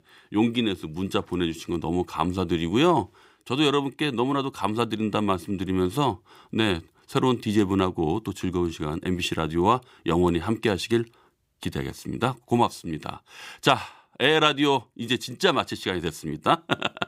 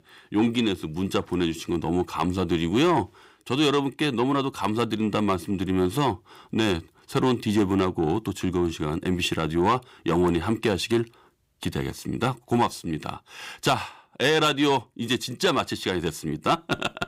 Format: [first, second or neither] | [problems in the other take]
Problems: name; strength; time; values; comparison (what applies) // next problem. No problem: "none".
first | distortion; slight; 10 dB below the speech